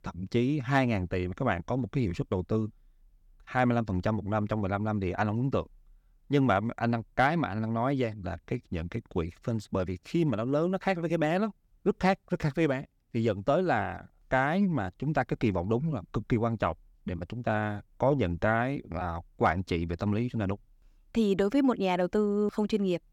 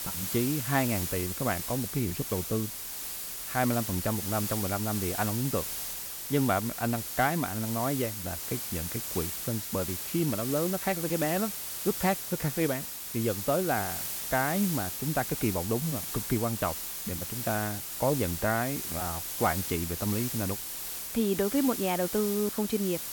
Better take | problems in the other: first | hiss; loud; throughout; 3 dB below the speech

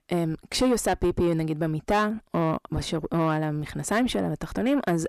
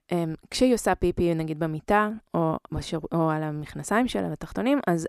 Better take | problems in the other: second | distortion; slight; 10 dB below the speech

